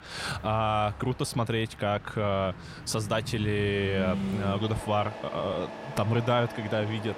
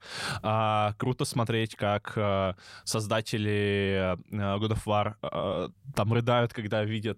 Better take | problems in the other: second | traffic noise; loud; throughout; 10 dB below the speech

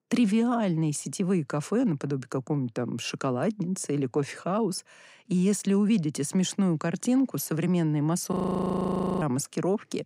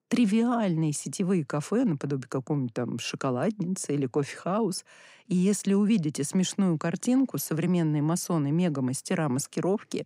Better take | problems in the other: second | audio freezing; at 8.5 s for 1 s

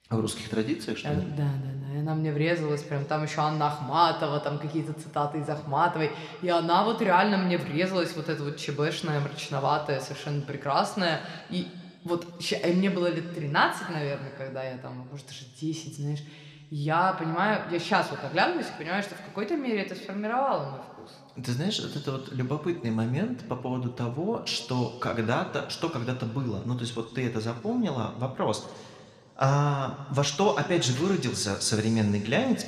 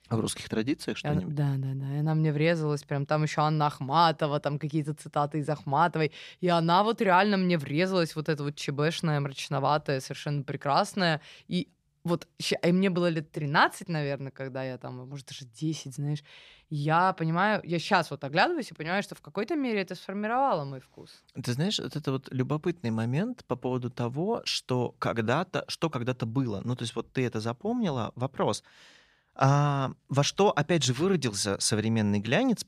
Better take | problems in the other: second | room echo; very slight; dies away in 1.8 s

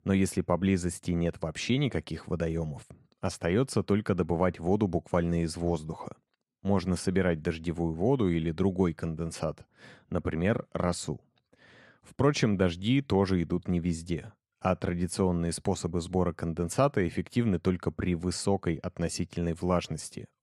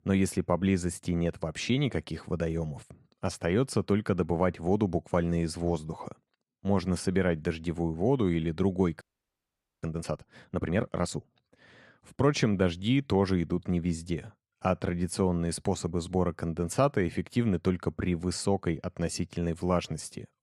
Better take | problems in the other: first | audio freezing; at 9 s for 1 s

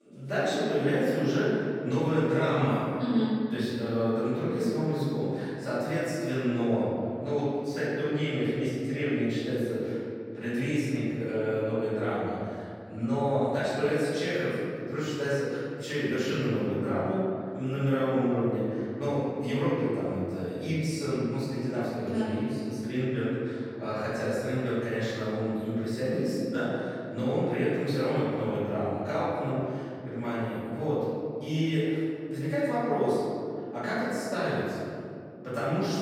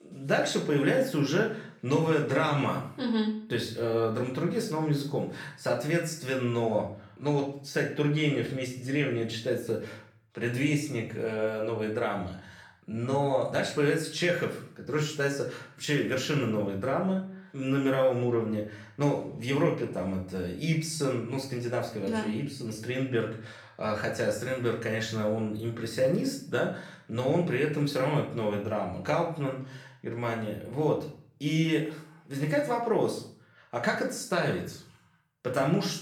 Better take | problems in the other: second | room echo; strong; dies away in 2.6 s; slight in the second // off-mic speech; far; far in the second

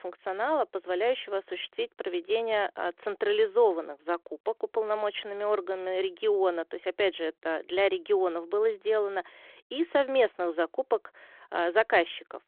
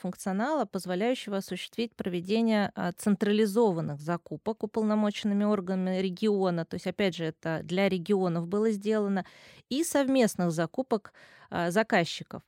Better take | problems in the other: second | phone-call audio

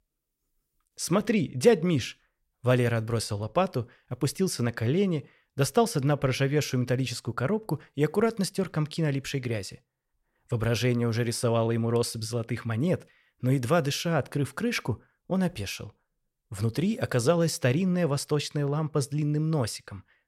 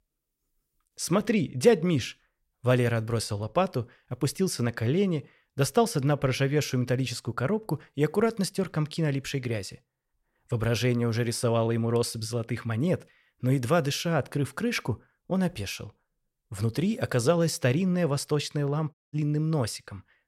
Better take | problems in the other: first | audio cutting out; at 19 s

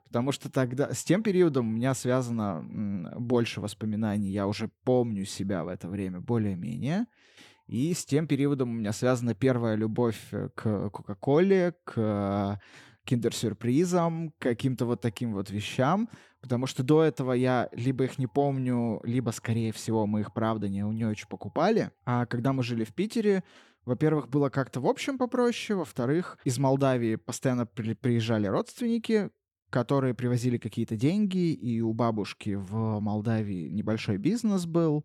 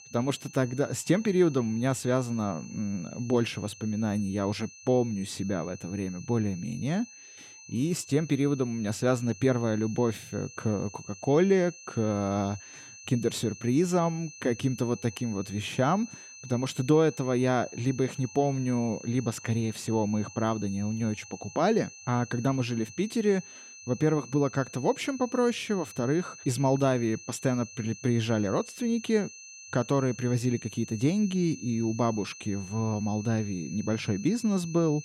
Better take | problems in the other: first | high-pitched whine; noticeable; throughout; 6 kHz, 15 dB below the speech

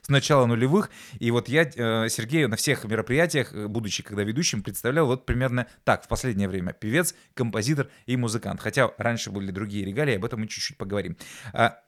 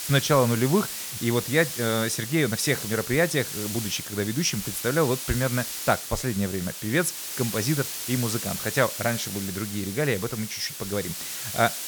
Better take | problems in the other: first | hiss; loud; throughout; 5 dB below the speech

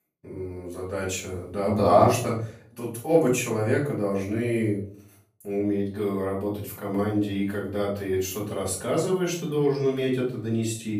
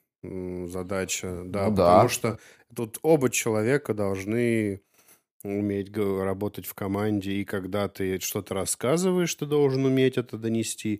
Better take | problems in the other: second | off-mic speech; far // room echo; noticeable; dies away in 0.5 s

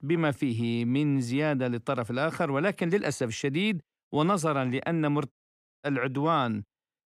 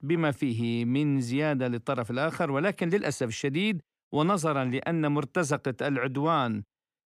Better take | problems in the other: second | audio cutting out; at 5.5 s for 0.5 s

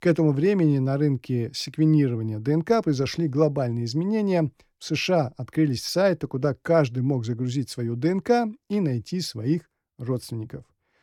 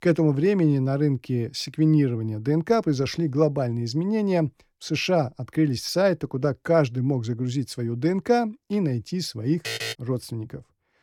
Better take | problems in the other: first | alarm; noticeable; at 9.5 s; peak 5 dB below the speech

